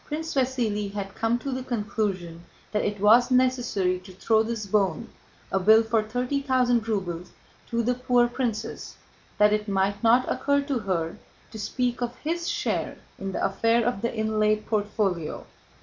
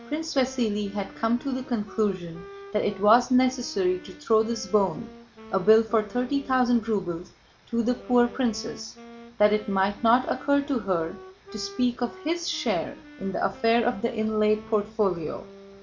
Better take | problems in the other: first | background sound (Wind instrument, woodwind instrument); 20 dB below the speech

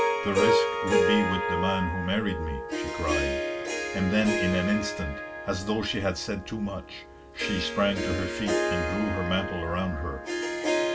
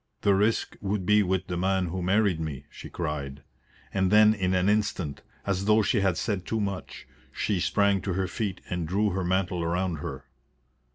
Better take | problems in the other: second | background sound (Harp); as loud as the speech // room echo; dies away in 0.2 s

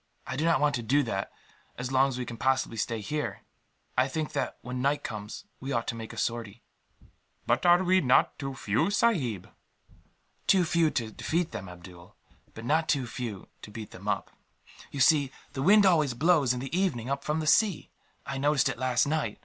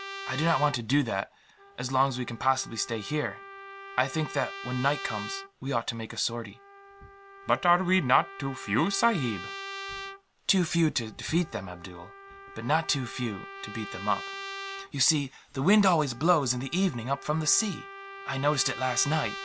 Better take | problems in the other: first | background sound (Trumpet); 13 dB below the speech

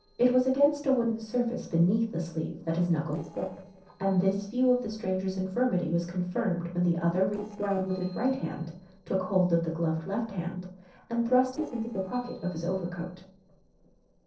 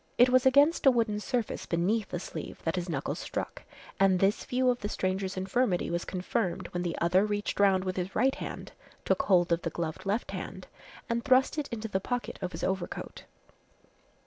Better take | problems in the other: second | noise reduction (neural separator model SepFormer DNS4)

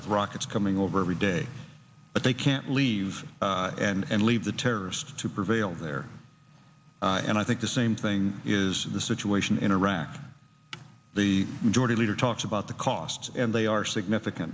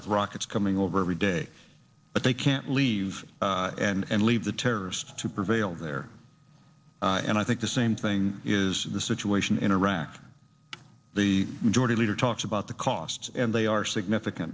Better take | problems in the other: first | noise reduction (neural separator model SepFormer DNS4)

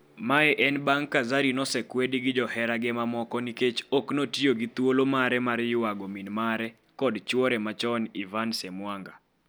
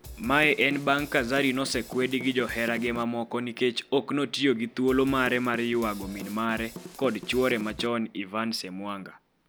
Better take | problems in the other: first | background sound (Drum / Drum kit); 15 dB below the speech

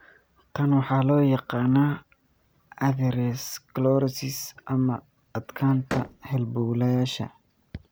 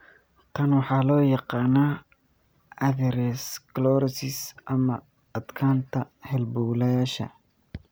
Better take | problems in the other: second | background sound (Slam); 12 dB below the speech

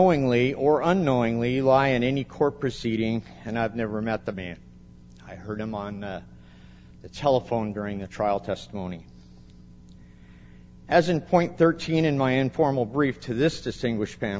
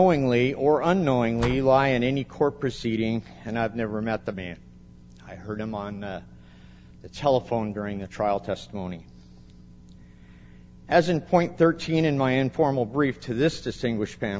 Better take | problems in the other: first | background sound (Slam); 13 dB below the speech

